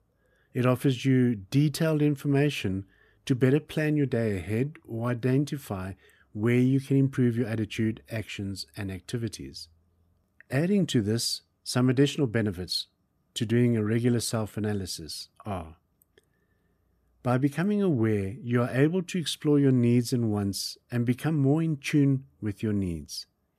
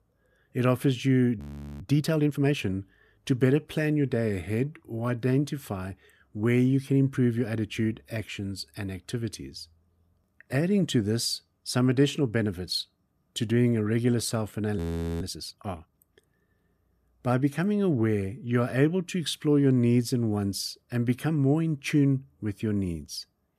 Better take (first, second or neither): first